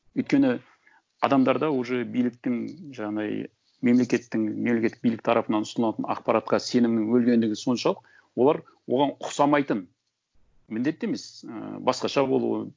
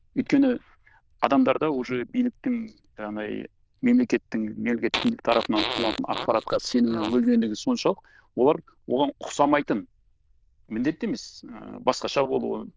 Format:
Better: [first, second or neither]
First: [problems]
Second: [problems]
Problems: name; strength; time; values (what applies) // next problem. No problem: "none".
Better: first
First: none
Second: noise reduction (neural diffusion model UNIVERSE++)